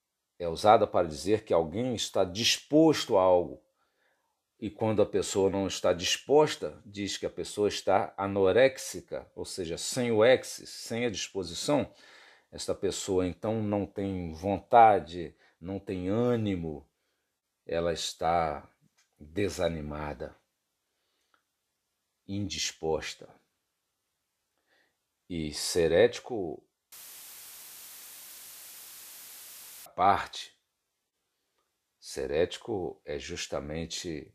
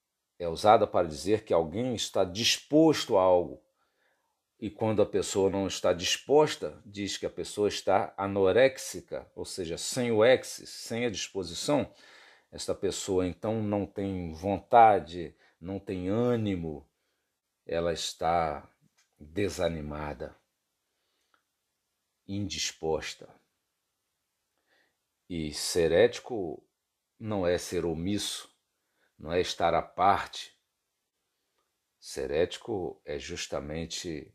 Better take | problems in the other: second | audio cutting out; filled with static; at 27 s for 3 s

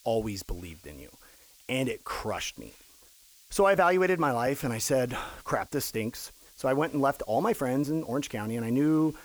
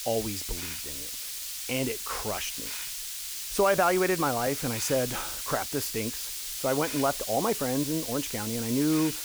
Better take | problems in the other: first | hiss; loud; throughout; 4 dB below the speech; faint in the first

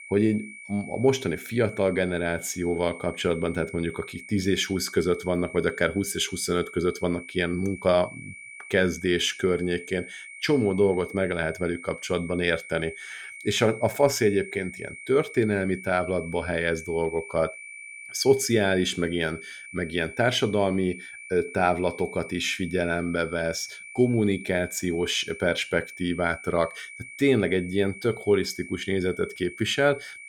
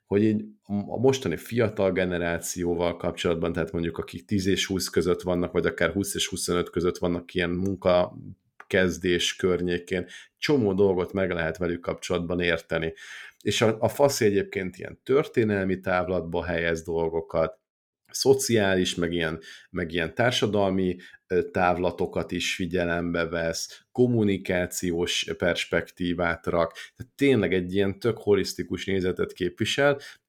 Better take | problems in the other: second | high-pitched whine; noticeable; throughout; 2 kHz, 15 dB below the speech

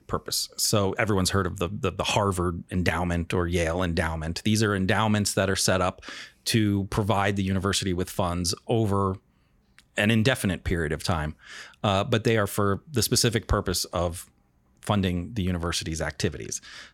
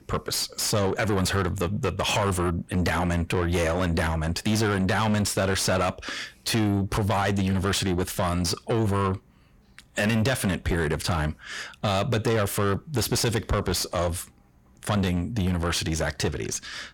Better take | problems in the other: first | distortion; heavy; 7 dB below the speech

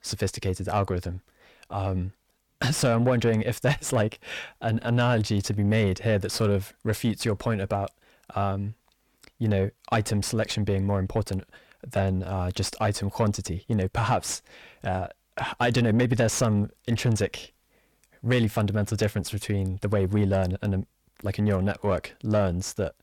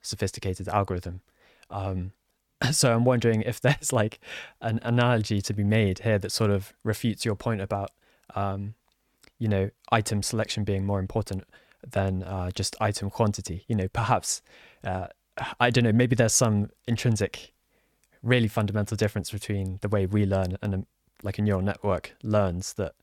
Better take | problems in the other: second | distortion; slight; 10 dB below the speech

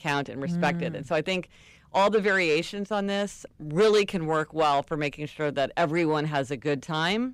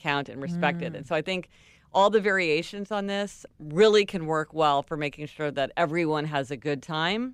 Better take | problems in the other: second | distortion; slight; 10 dB below the speech

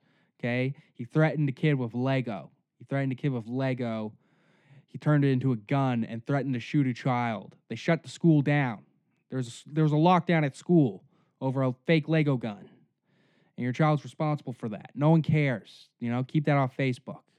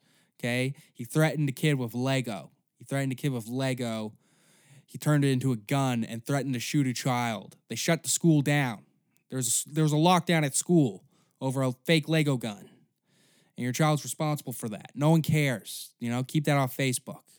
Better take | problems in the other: second | muffled; very; fading above 2.5 kHz

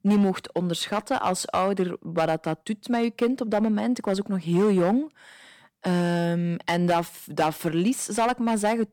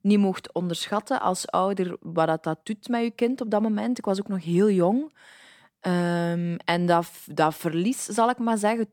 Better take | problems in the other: second | distortion; slight; 5% of the sound clipped

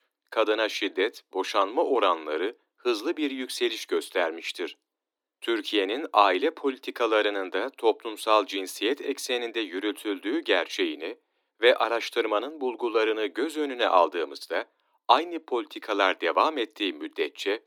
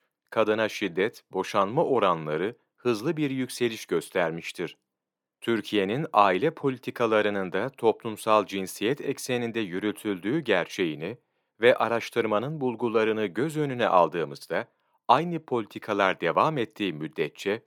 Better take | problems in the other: second | thin; very slightly; fading below 250 Hz

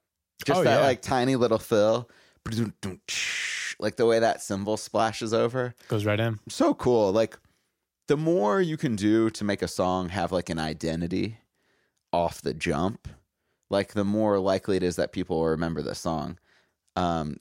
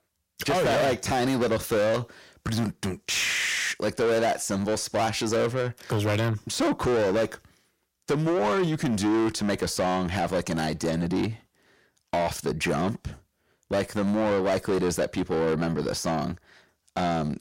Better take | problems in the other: first | distortion; heavy; 7 dB below the speech

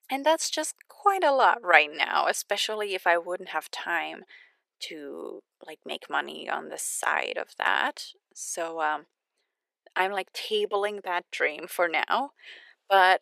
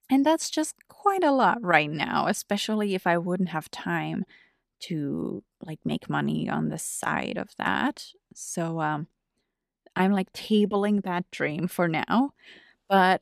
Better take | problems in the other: second | thin; very; fading below 450 Hz

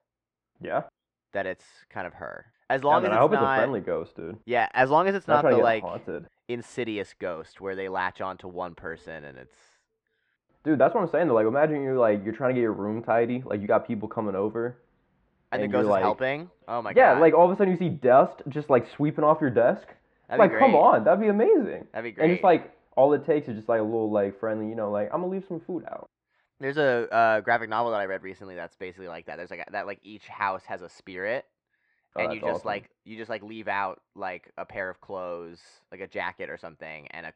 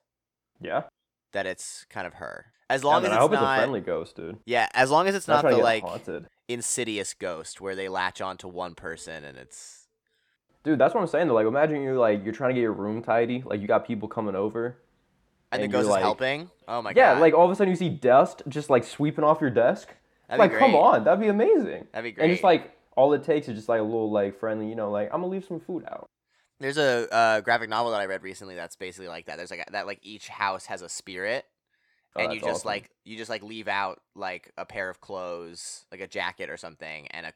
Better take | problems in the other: second | muffled; very; fading above 2.5 kHz

